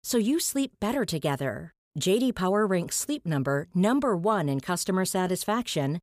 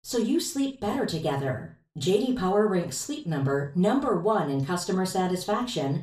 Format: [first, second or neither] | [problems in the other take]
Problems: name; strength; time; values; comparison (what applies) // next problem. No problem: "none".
first | room echo; slight; dies away in 0.3 s // off-mic speech; far